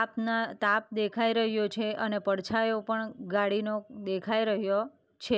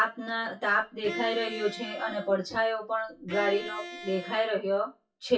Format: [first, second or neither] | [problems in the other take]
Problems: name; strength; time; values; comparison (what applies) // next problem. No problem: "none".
first | noise reduction (classical method WPE with log-MMSE)